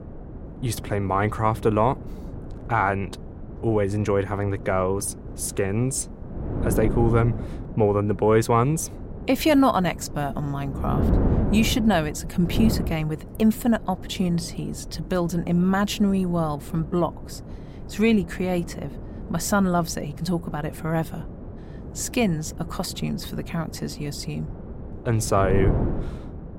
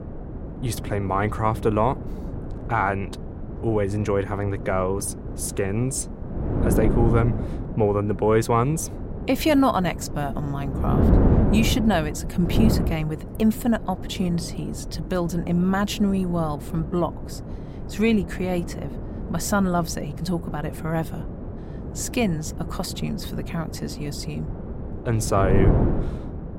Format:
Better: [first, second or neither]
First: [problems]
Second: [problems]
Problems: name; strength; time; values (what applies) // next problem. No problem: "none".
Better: first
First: wind noise on the microphone; occasional gusts; 15 dB below the speech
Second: wind noise on the microphone; heavy; 9 dB below the speech